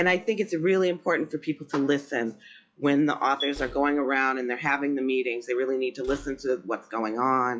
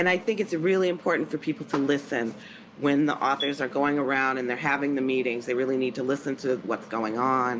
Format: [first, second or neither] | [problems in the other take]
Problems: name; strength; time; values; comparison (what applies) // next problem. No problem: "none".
second | noise reduction (classical method log-MMSE)